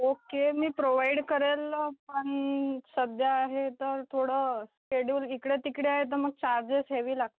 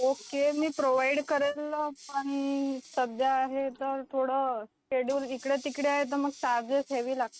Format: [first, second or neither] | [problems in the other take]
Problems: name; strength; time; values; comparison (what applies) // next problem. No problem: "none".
first | noise reduction (neural mask model RNNoise)